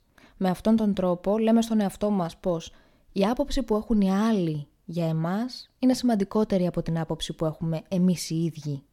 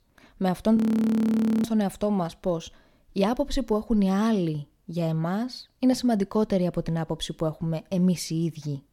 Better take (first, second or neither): first